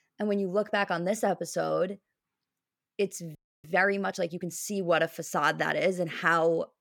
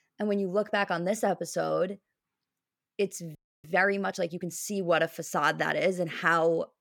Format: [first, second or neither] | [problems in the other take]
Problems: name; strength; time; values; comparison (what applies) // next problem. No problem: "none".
neither | audio freezing; at 3.5 s; the same in both